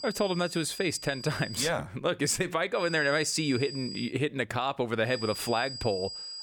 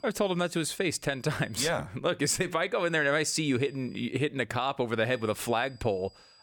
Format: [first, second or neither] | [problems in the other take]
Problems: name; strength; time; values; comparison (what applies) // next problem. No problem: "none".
second | high-pitched whine; loud; until 1.5 s, from 3 to 4 s and from 5 s on; 5 kHz, 10 dB below the speech; faint in the second